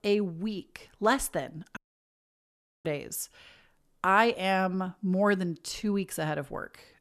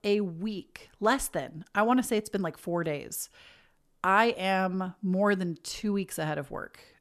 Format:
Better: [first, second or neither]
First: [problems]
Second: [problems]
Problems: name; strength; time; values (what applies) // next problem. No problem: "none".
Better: second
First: audio cutting out; at 2 s for 1 s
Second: none